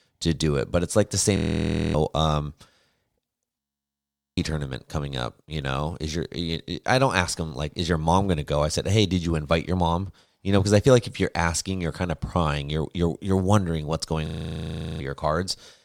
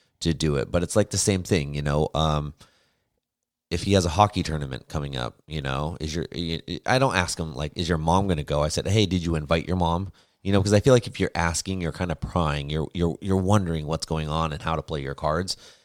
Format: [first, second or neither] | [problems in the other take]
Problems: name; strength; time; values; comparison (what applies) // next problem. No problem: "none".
second | audio freezing; at 1.5 s for 0.5 s, at 3.5 s for 1 s and at 14 s for 0.5 s